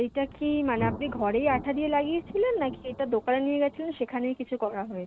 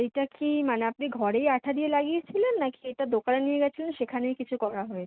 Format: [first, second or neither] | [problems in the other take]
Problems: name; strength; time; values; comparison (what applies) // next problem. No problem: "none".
second | background sound (Thunder); 14 dB below the speech